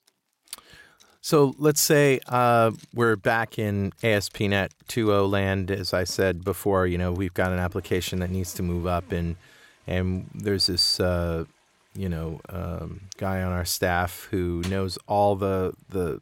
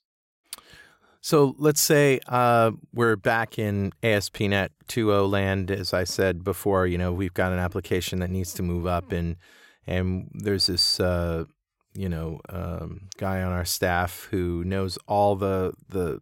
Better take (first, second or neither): second